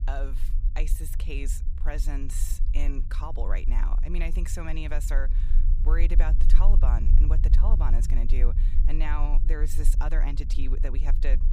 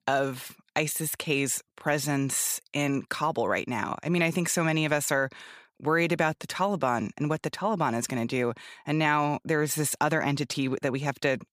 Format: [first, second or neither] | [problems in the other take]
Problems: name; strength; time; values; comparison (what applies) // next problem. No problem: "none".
second | low rumble; loud; throughout; 10 dB below the speech